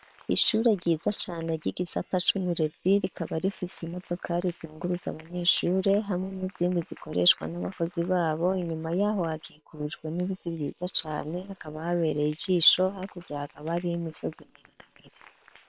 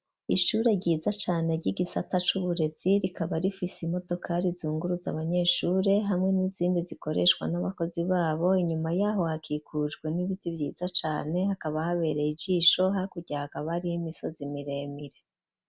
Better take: second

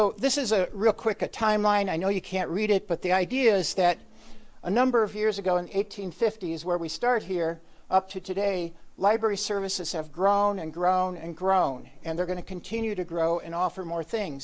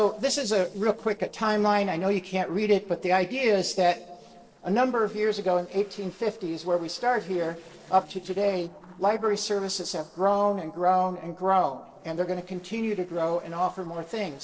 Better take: first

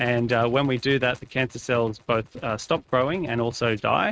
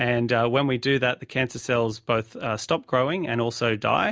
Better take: second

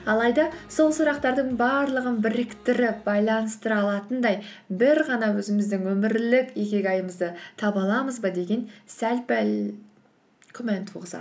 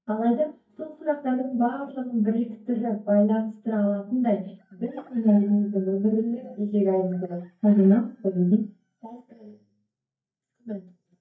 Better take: first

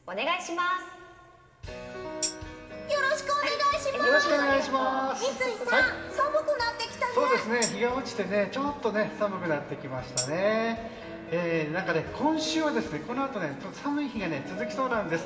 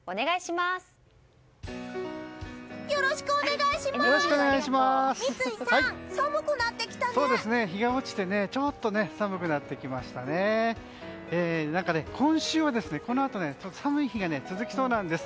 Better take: second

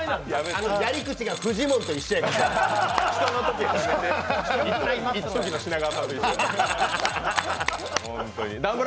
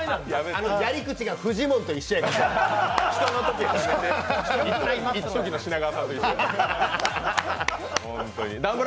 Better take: second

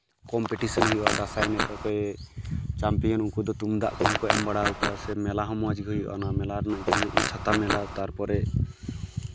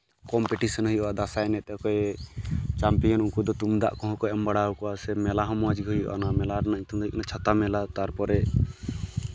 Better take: second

